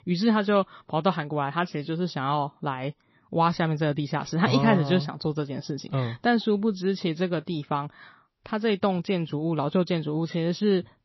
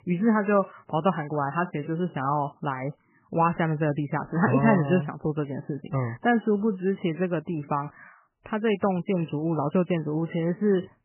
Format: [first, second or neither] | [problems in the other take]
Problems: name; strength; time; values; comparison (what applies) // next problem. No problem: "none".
first | garbled, watery; badly; nothing above 3 kHz; slightly in the first